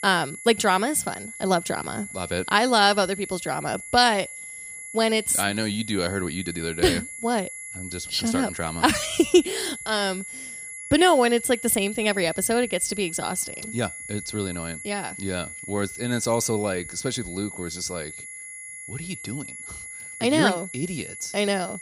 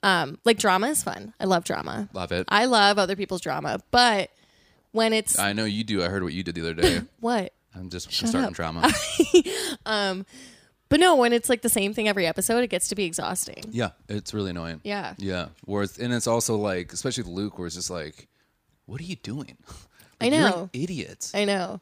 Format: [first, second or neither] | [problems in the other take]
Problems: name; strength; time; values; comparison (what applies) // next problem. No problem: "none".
second | high-pitched whine; noticeable; throughout; 2 kHz, 10 dB below the speech